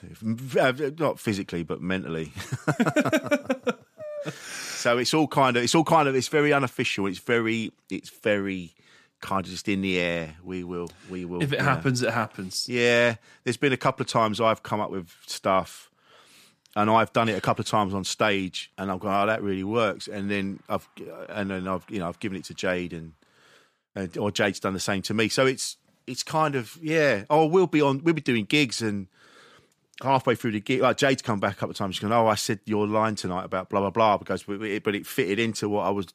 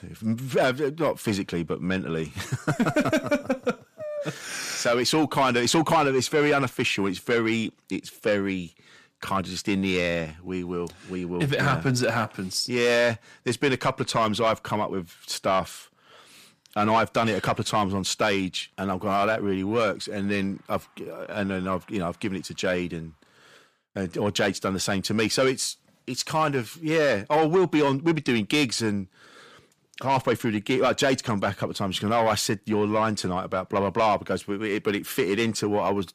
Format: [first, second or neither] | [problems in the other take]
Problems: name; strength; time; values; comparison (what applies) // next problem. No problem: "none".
first | distortion; slight; 10 dB below the speech